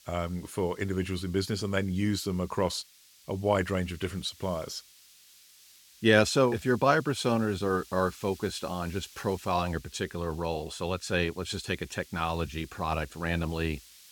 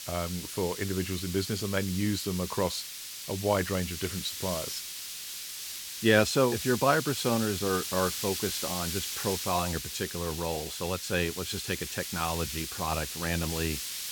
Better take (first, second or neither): first